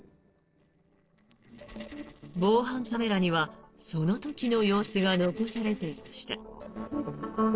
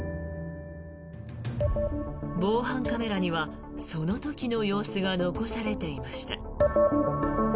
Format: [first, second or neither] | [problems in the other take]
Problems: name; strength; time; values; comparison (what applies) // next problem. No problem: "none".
second | noise reduction (neural separator model SepFormer DNS4)